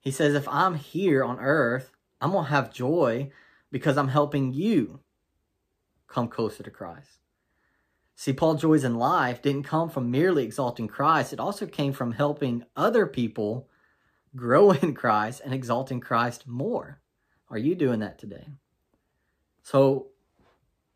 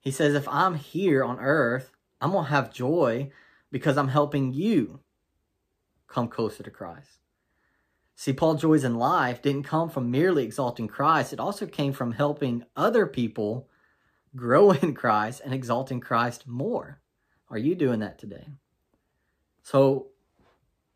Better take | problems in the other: neither | none

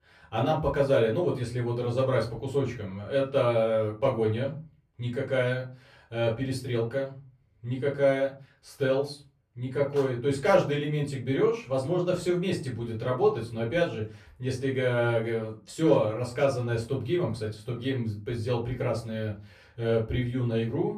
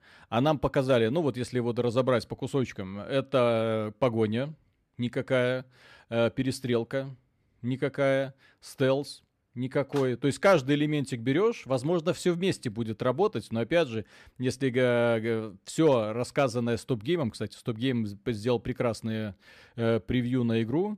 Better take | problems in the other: second | off-mic speech; far // room echo; very slight; dies away in 0.3 s

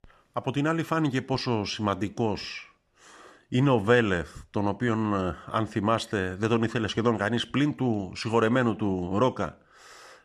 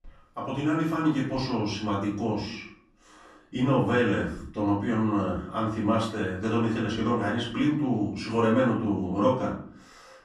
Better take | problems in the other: first | room echo; noticeable; dies away in 0.5 s // off-mic speech; far

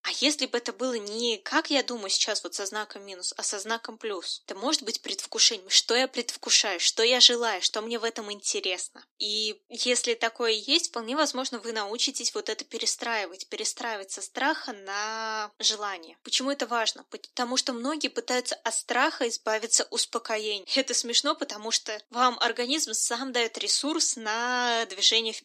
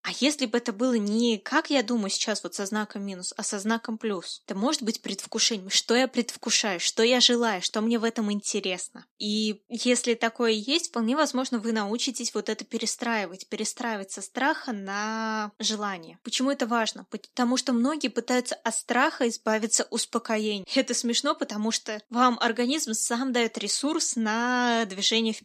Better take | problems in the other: second | thin; somewhat; fading below 300 Hz

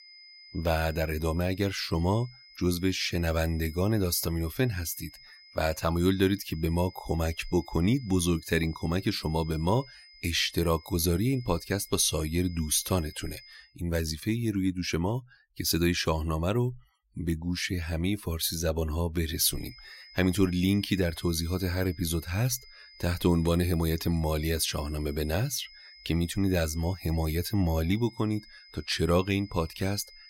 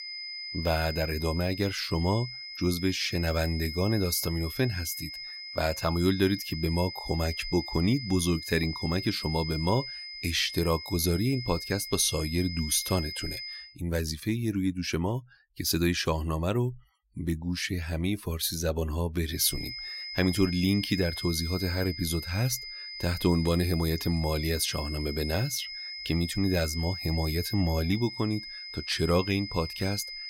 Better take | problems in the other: first | high-pitched whine; loud; until 14 s and from 19 s on; 5 kHz, 8 dB below the speech; faint in the first

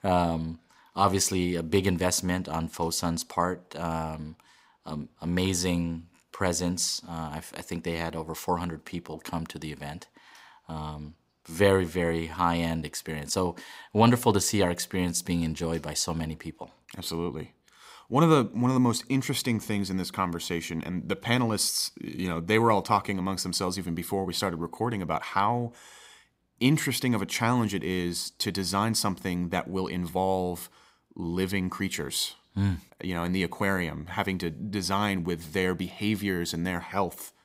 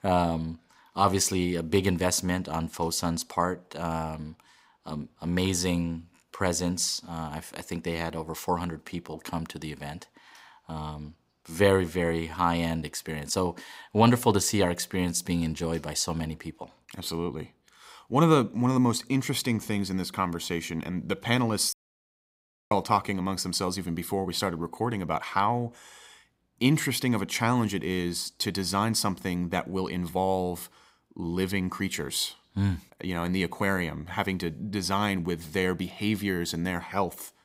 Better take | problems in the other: first | audio cutting out; at 22 s for 1 s

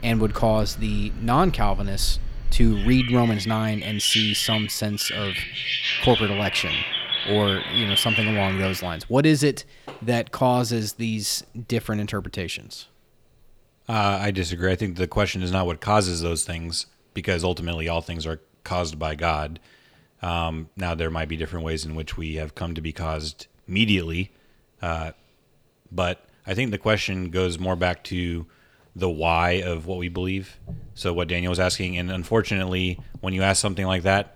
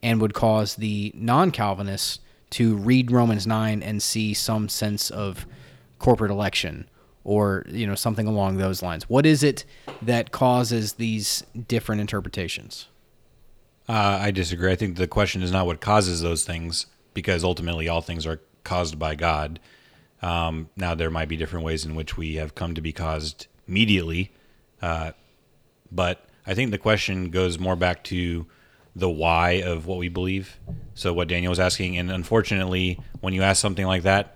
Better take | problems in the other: second | animal sounds; loud; until 8.5 s; 1 dB below the speech

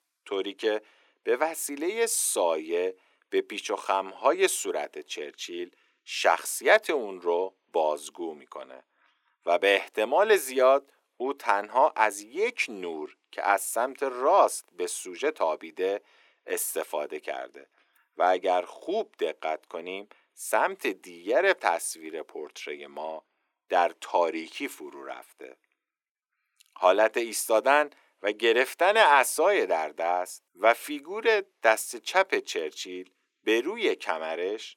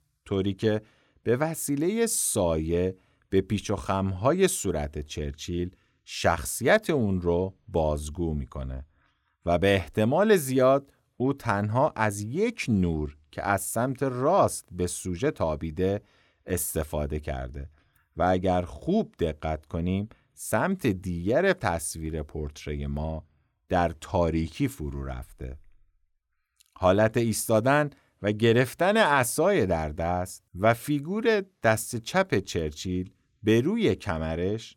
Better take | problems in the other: second | thin; very; fading below 350 Hz

